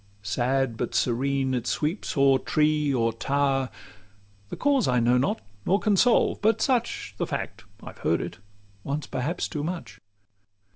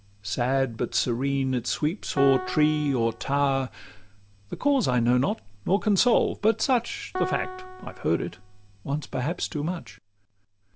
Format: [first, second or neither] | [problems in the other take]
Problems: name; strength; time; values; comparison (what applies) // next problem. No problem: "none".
first | background sound (Piano); 12 dB below the speech